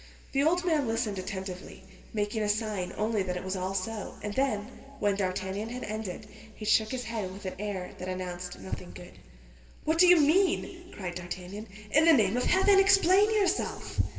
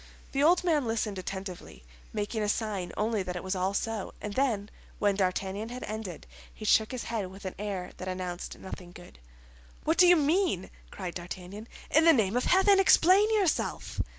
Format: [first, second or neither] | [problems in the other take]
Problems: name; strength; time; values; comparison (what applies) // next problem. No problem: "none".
second | room echo; dies away in 1.8 s